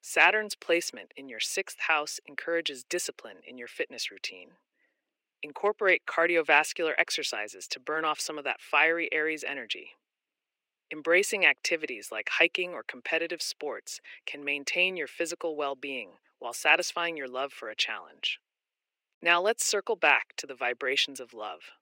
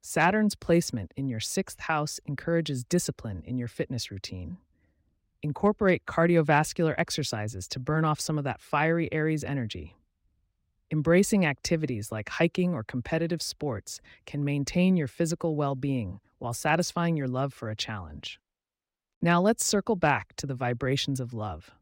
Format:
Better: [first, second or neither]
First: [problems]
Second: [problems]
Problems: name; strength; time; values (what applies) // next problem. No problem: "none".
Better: second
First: thin; very; fading below 400 Hz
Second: none